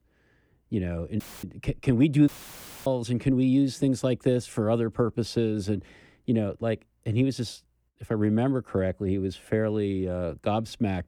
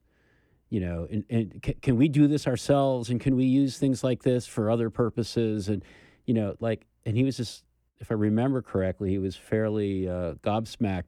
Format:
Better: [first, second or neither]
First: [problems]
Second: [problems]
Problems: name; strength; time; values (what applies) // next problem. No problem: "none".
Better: second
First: audio cutting out; filled with static; at 1 s and at 2.5 s for 0.5 s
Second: none